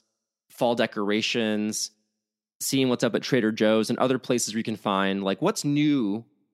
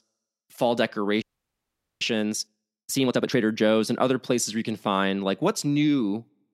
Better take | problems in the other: first | audio freezing; at 1 s for 1 s

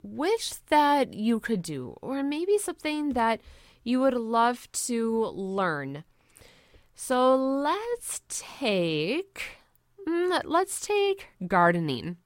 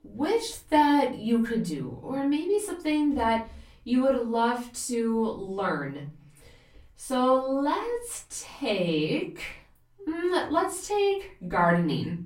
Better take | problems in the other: first | off-mic speech; far // room echo; slight; dies away in 0.4 s

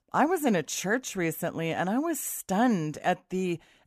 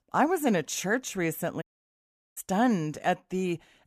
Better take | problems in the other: first | audio cutting out; at 1.5 s for 0.5 s

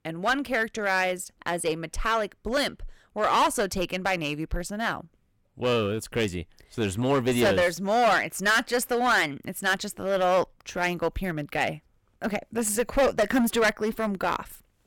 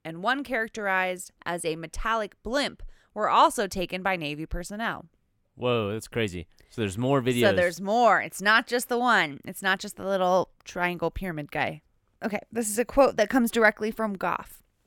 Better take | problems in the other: second | distortion; heavy; 8% of the sound clipped

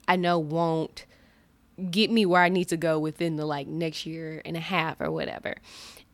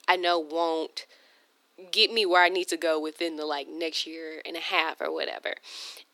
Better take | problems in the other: first | thin; very; fading below 350 Hz

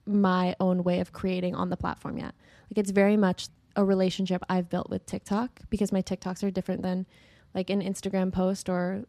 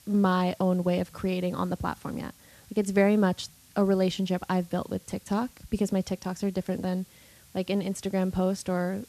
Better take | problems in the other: first | hiss; faint; throughout; 25 dB below the speech

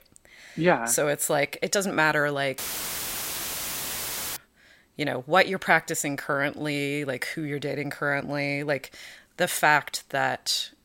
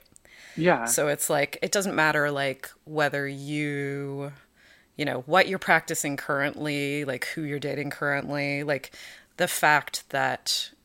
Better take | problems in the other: second | audio cutting out; filled with static; at 2.5 s for 2 s

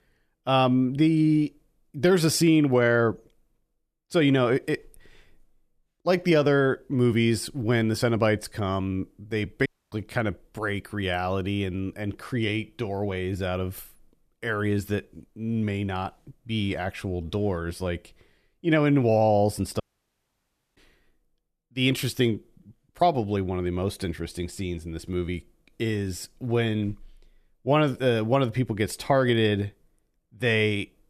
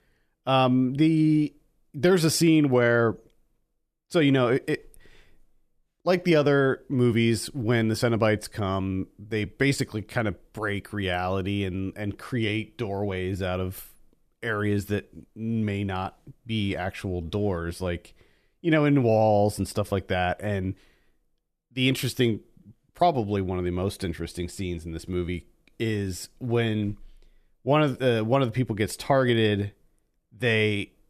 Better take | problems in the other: second | audio cutting out; at 9.5 s and at 20 s for 1 s

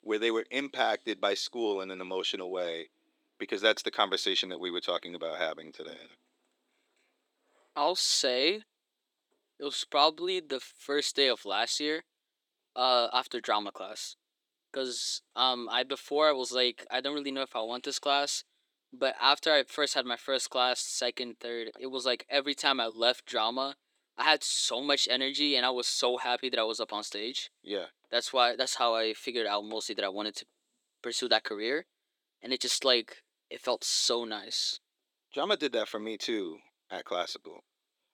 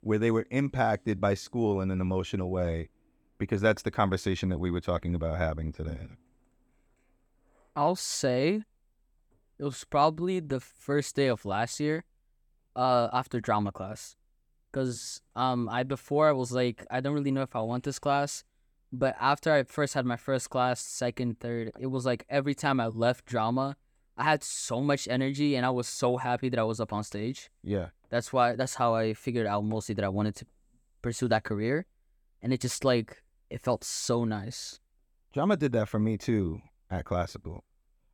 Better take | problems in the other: second | thin; somewhat; fading below 350 Hz

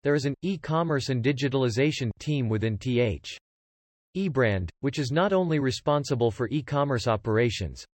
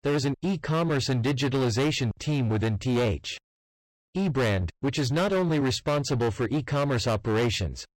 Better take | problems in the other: first | distortion; heavy; 19% of the sound clipped

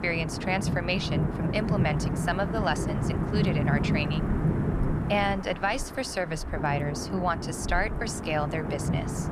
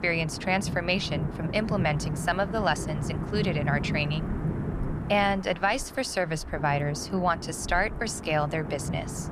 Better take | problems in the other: second | wind noise on the microphone; heavy; 6 dB below the speech; occasional gusts in the second

